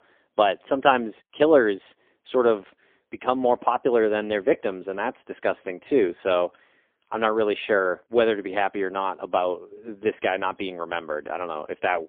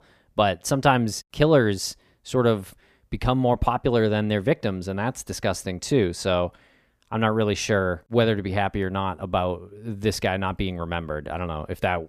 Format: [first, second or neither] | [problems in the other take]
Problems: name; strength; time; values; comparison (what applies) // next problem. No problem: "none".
second | phone-call audio; poor line; nothing above 3.5 kHz